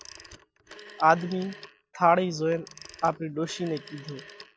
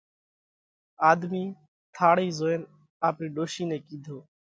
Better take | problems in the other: second | background sound (Telephone); 20 dB below the speech

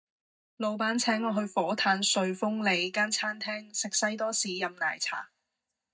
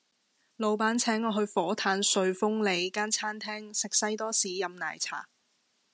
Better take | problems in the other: second | noise reduction (neural mask model DeepFilterNet 3)

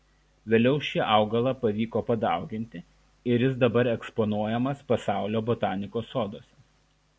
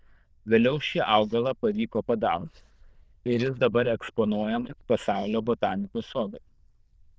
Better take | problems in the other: first | noise reduction (neural diffusion model UNIVERSE++)

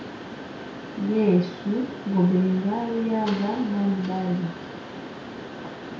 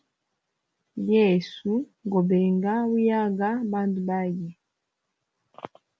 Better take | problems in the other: second | background sound (Mechanisms); 11 dB below the speech // room echo; dies away in 0.6 s

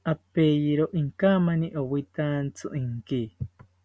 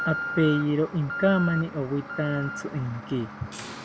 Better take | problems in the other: first | background sound (Alarm); 8 dB below the speech

